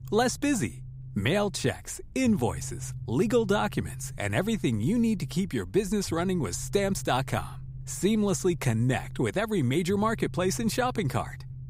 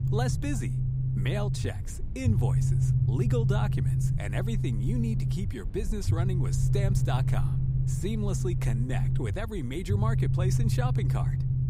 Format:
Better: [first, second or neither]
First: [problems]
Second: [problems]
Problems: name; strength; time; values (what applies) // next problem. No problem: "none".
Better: first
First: low rumble; faint; throughout; 25 dB below the speech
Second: low rumble; loud; throughout; 2 dB below the speech